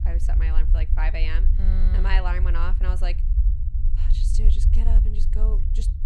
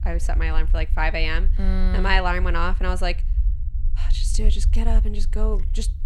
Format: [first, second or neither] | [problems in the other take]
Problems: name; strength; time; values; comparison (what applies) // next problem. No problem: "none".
second | low rumble; loud; throughout; 9 dB below the speech; faint in the second